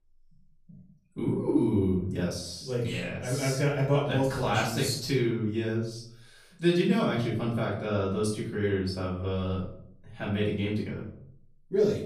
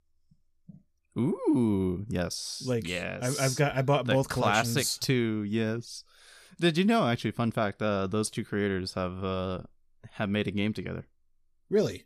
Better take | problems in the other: second | off-mic speech; far // room echo; noticeable; dies away in 0.6 s

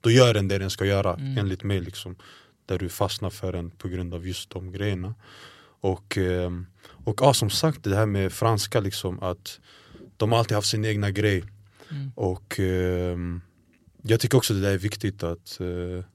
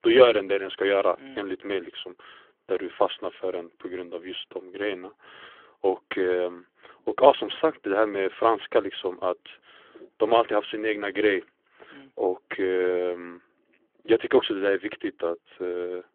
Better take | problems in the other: first | phone-call audio; nothing above 3.5 kHz

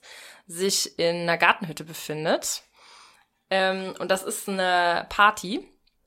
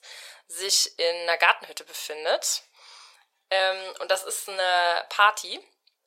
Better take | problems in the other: first | thin; very; fading below 500 Hz

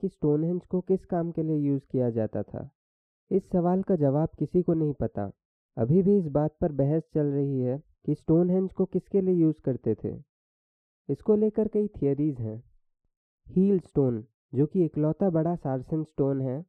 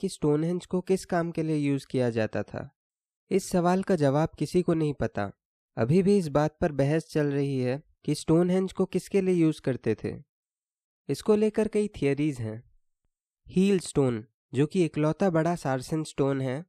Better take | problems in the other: second | muffled; very; fading above 1.5 kHz

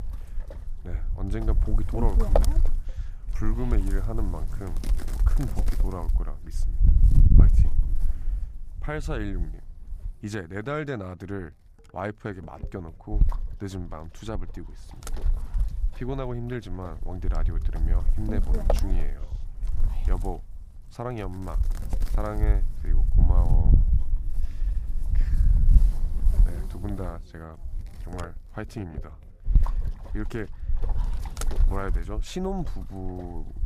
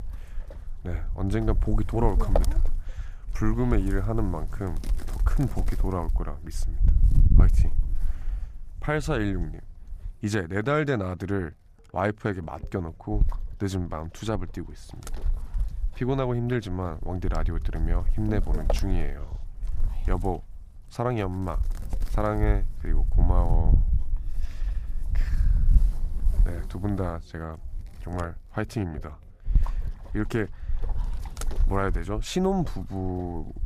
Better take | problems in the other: second | wind noise on the microphone; heavy; 3 dB below the speech; occasional gusts in the second

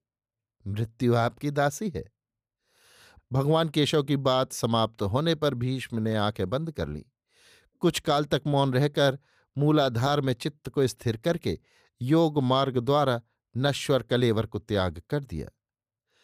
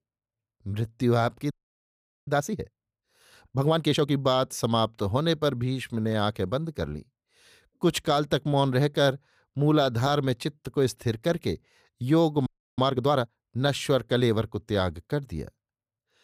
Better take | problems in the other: first | audio freezing; at 1.5 s for 1 s and at 12 s

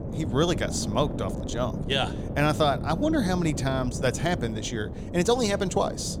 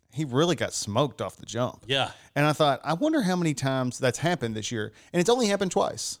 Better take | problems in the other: second | wind noise on the microphone; occasional gusts; 10 dB below the speech

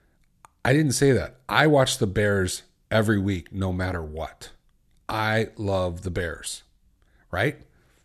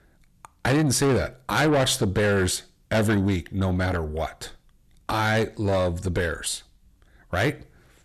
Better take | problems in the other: first | distortion; heavy; 8 dB below the speech

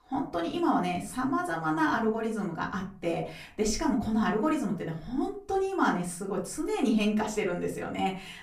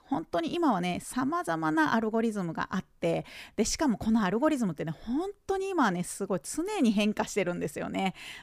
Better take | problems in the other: second | off-mic speech; far // room echo; very slight; dies away in 0.3 s

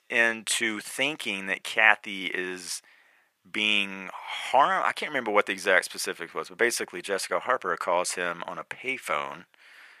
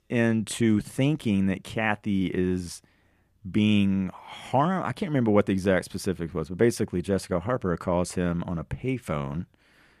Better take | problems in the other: second | thin; very; fading below 750 Hz

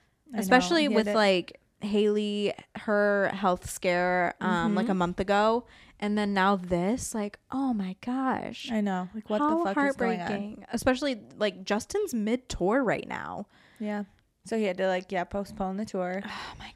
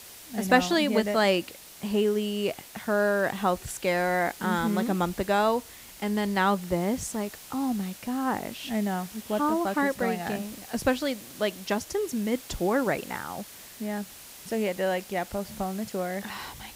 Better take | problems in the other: first | hiss; noticeable; throughout; 15 dB below the speech

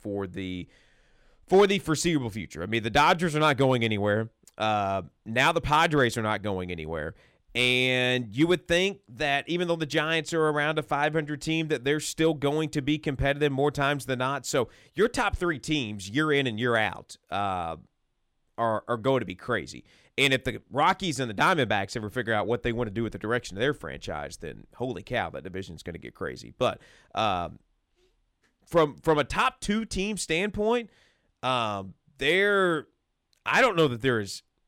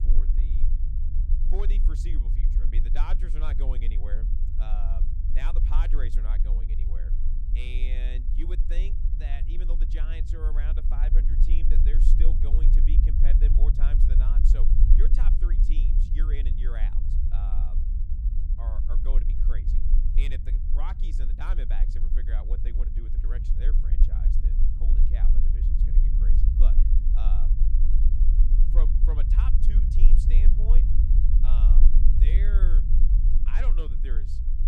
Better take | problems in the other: first | low rumble; loud; throughout; 3 dB below the speech

